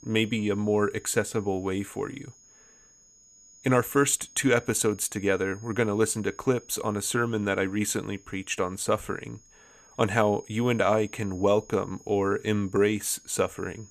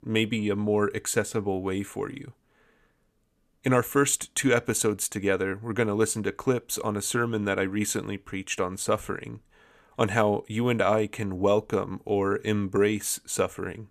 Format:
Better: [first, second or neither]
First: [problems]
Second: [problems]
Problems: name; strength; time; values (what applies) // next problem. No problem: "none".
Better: second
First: high-pitched whine; faint; throughout; 6.5 kHz, 25 dB below the speech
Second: none